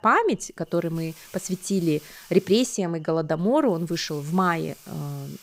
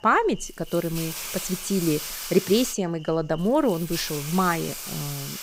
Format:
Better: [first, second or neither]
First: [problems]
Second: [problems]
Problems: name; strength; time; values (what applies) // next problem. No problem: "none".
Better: first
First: hiss; faint; throughout; 20 dB below the speech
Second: hiss; loud; throughout; 7 dB below the speech